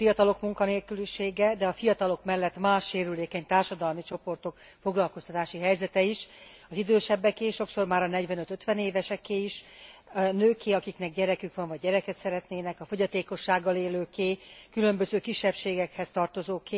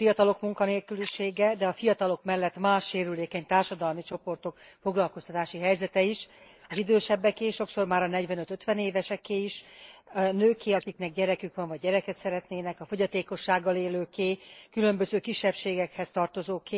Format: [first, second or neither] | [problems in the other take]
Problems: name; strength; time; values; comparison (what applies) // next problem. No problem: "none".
first | noise reduction (neural mask model Resemble Enhance denoiser)